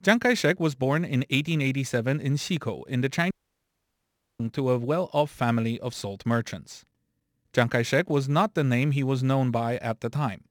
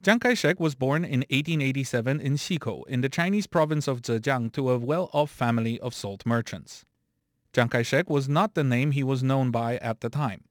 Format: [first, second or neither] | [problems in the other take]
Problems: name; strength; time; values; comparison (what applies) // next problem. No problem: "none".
second | audio cutting out; at 3.5 s for 1 s